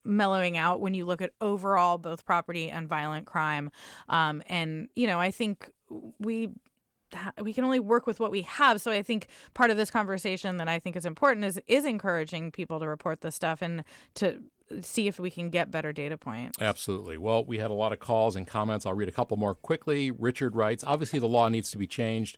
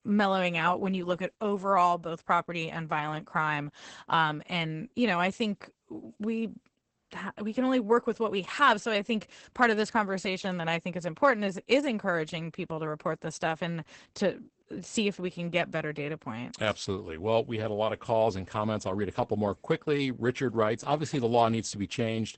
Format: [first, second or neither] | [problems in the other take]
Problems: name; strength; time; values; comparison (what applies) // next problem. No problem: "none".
first | garbled, watery; badly; nothing above 8 kHz; slightly in the first